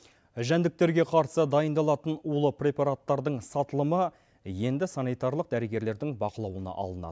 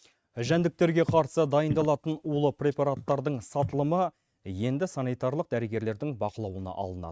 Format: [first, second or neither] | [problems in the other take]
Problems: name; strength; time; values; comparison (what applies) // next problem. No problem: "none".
first | noise reduction (neural mask model RNNoise)